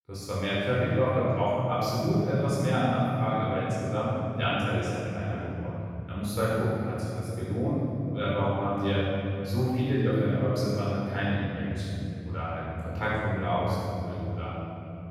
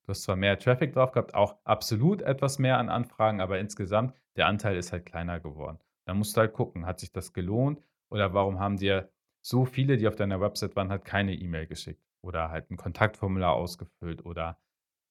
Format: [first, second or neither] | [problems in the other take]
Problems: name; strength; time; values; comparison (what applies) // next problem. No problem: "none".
second | room echo; strong; dies away in 3 s // off-mic speech; far